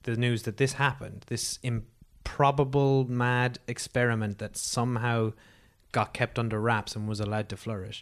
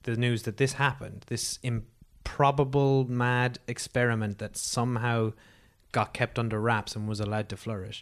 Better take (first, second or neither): neither